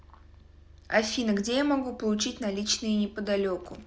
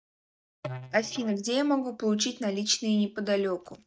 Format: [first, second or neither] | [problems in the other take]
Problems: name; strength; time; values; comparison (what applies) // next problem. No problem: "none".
first | noise reduction (neural mask model DeepFilterNet 3)